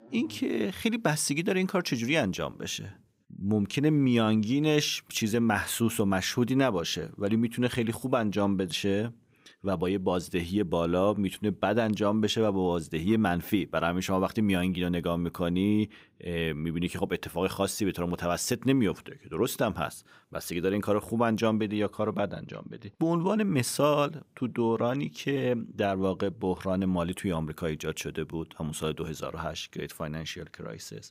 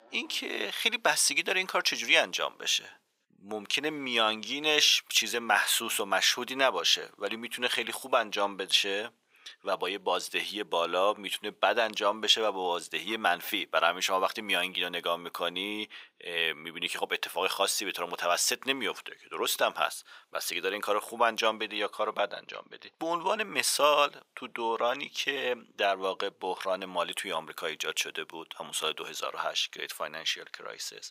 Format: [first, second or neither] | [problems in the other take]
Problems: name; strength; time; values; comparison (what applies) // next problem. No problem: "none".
first | thin; very; fading below 750 Hz